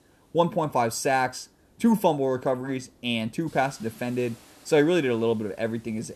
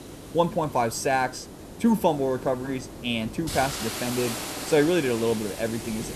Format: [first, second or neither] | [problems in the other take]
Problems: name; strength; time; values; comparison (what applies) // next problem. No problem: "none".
first | hiss; loud; throughout; 9 dB below the speech; faint in the first